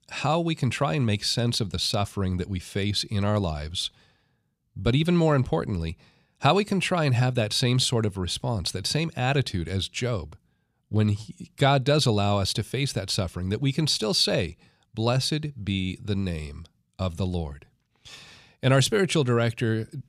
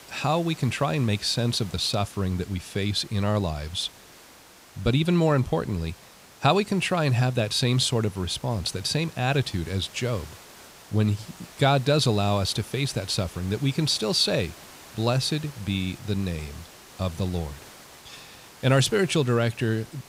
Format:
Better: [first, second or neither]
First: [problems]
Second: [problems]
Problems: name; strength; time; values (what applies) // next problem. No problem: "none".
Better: first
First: none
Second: hiss; faint; throughout; 20 dB below the speech